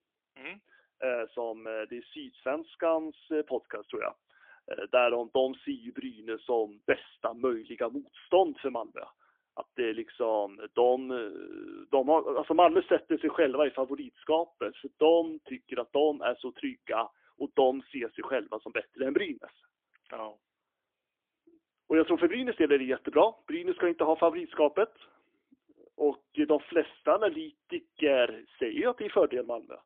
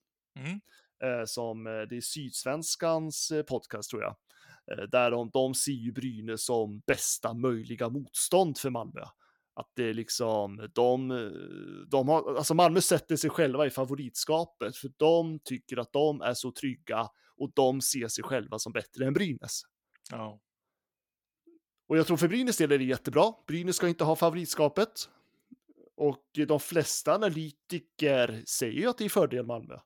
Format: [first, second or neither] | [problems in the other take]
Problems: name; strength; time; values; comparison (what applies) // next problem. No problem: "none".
second | phone-call audio; poor line; nothing above 3.5 kHz